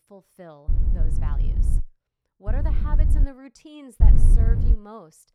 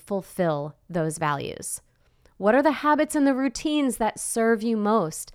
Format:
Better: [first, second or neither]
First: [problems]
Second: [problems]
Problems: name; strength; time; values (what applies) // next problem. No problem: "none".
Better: second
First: wind noise on the microphone; heavy; from 0.5 to 2 s, at 2.5 s and at 4 s; as loud as the speech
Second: none